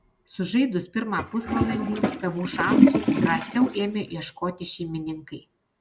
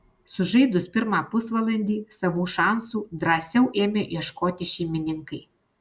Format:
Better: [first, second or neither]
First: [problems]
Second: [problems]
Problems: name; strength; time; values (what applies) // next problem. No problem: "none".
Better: second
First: background sound (Toilet flush); 4 dB above the speech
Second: none